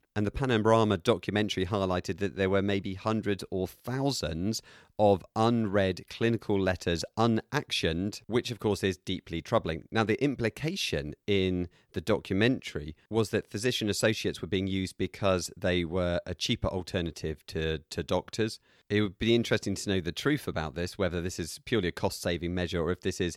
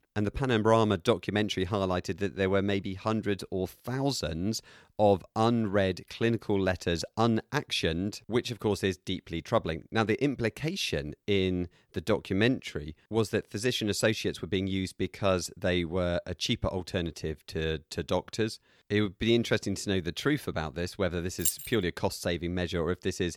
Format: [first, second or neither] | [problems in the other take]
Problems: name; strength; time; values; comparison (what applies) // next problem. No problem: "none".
first | jangling keys; loud; at 21 s; peak level with the speech